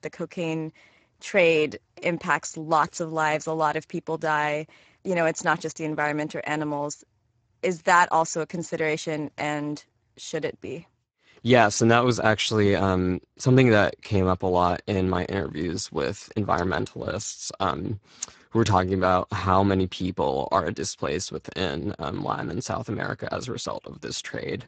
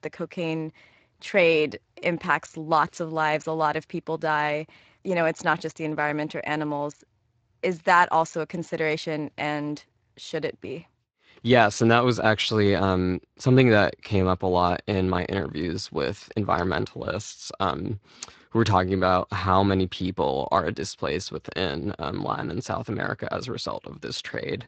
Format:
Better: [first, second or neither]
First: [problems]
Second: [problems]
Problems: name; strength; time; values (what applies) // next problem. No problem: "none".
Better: second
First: garbled, watery; badly; nothing above 7.5 kHz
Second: garbled, watery; slightly; nothing above 7.5 kHz